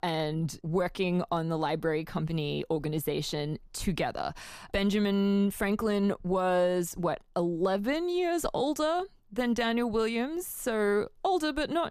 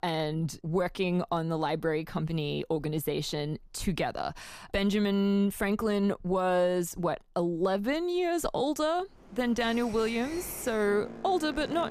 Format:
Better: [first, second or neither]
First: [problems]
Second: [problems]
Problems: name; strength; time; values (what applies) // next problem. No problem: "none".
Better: first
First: none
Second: train or aircraft noise; noticeable; from 9.5 s on; 15 dB below the speech